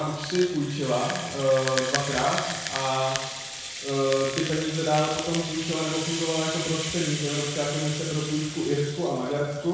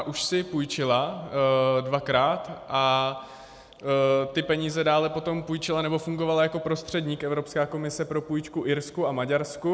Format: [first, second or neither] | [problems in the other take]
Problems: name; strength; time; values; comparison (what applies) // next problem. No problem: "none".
second | background sound (Rattle (instrument)); 7 dB below the speech // room echo; dies away in 1.1 s